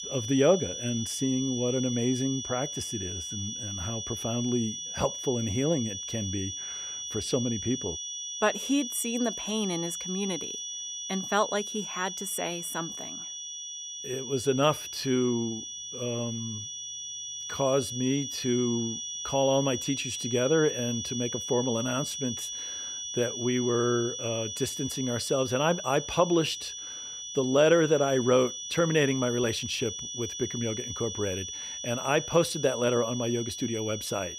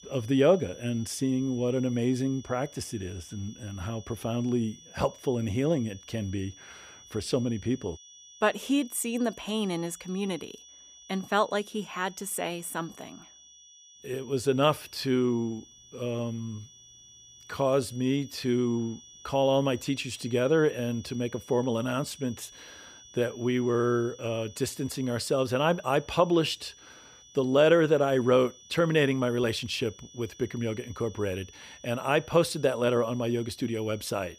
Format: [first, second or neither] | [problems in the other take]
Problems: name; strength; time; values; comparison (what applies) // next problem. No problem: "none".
second | high-pitched whine; loud; throughout; 6 kHz, 5 dB below the speech; faint in the second